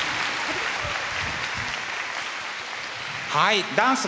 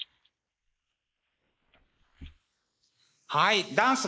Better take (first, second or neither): first